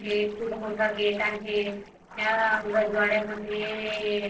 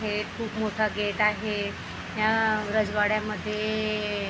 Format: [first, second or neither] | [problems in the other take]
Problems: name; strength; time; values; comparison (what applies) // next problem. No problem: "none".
second | noise reduction (neural separator model SepFormer DNS4)